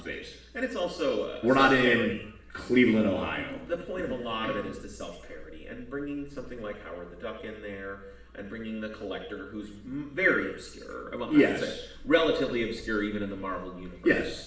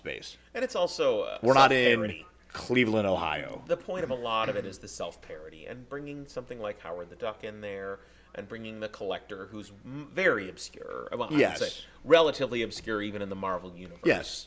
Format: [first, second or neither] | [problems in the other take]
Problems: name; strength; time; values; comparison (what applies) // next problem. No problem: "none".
second | room echo; dies away in 0.8 s